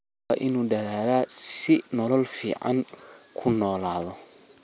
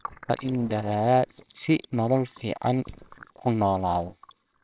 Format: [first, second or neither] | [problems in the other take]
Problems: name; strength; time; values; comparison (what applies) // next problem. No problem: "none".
first | noise reduction (neural separator model SepFormer WHAMR!)